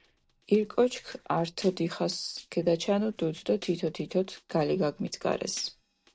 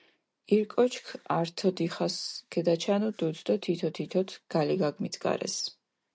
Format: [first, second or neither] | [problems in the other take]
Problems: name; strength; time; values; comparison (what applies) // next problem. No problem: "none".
second | noise reduction (neural separator model SepFormer DNS4)